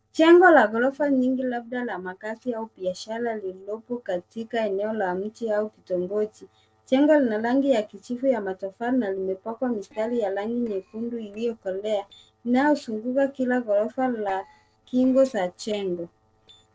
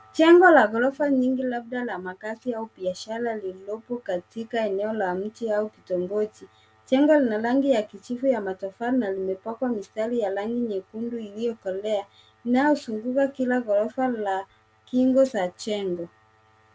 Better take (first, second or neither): second